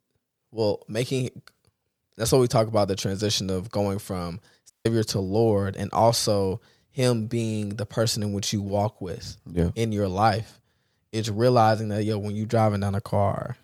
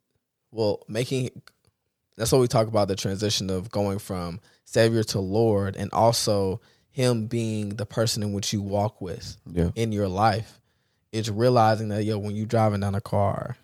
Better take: second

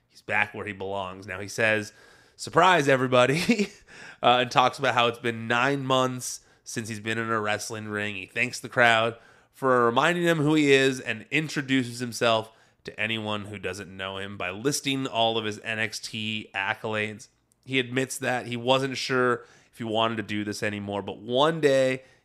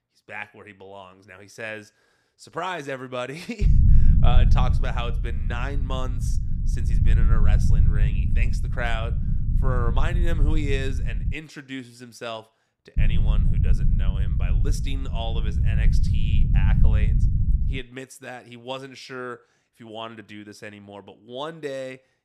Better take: first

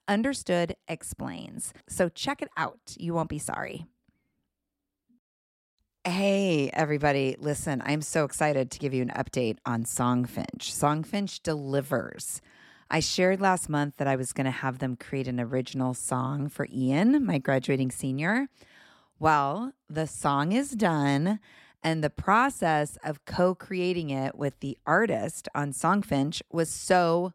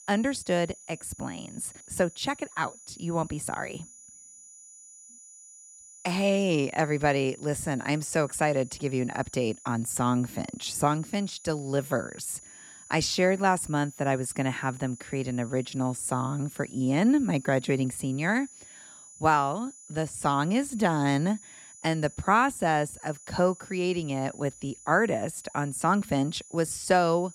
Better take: first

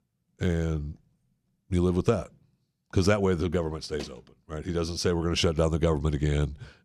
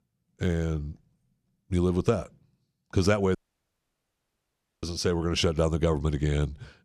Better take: first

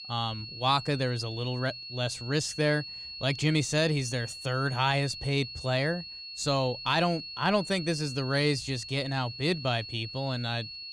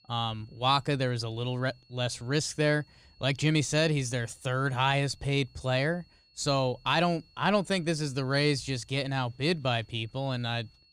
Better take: second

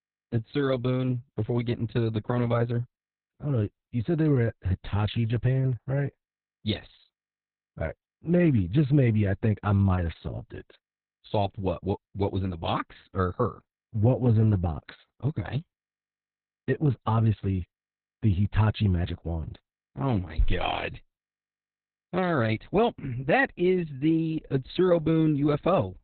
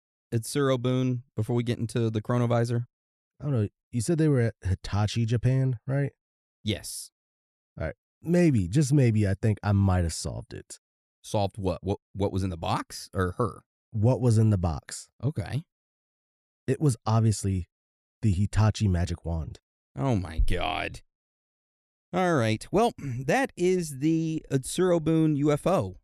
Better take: second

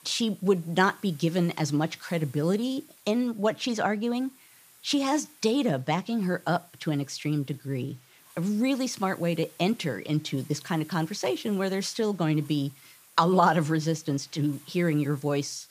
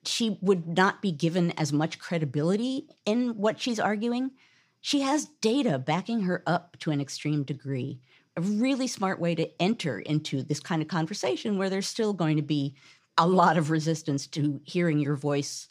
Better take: second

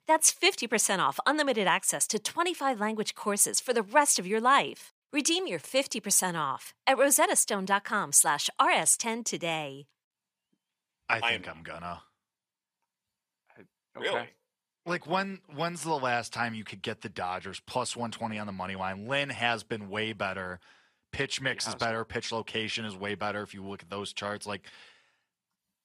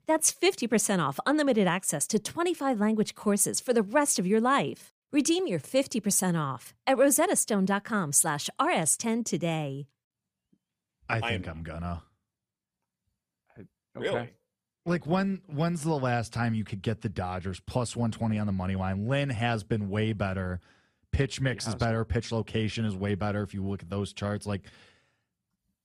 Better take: second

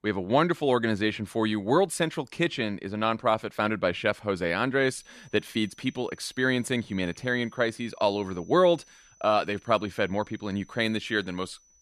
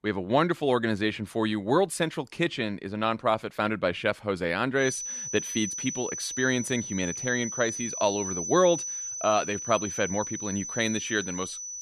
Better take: first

